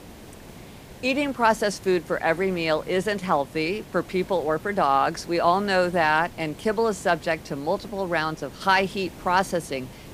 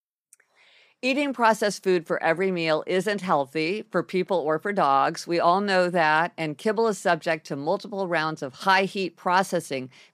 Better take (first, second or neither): second